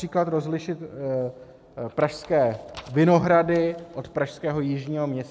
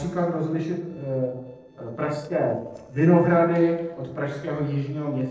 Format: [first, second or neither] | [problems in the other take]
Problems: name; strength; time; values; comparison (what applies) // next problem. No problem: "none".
first | noise reduction (neural separator model SepFormer DNS4)